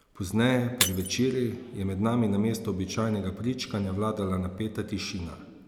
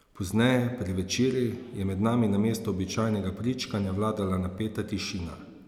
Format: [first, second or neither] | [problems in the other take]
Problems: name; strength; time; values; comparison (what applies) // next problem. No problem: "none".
second | background sound (Shatter); 9 dB below the speech